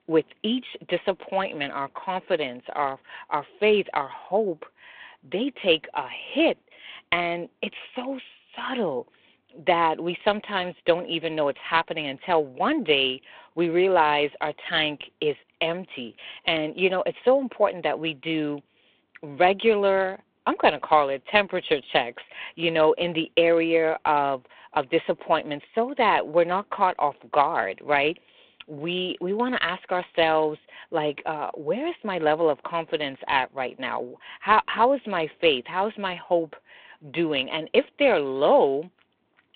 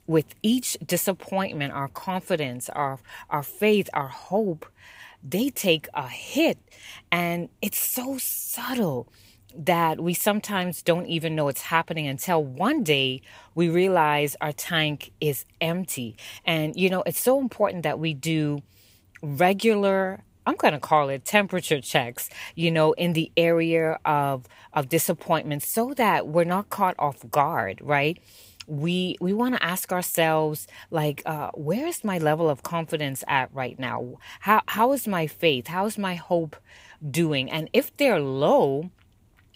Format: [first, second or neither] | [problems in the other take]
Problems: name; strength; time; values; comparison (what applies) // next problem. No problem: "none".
second | phone-call audio